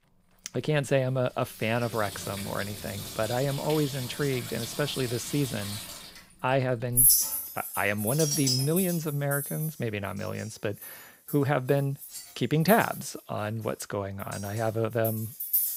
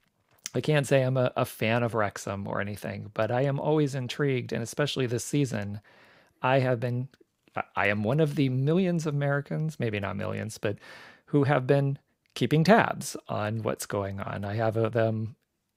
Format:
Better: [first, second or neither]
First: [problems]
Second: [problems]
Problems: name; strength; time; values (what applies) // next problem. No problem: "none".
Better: second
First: household noises; very loud; throughout; as loud as the speech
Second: none